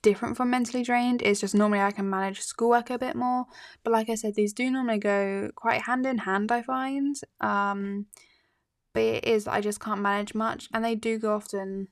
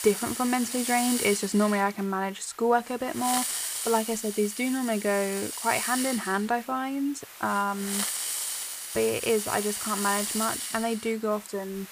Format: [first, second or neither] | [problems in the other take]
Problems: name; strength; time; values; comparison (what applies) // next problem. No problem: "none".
first | hiss; loud; throughout; 3 dB below the speech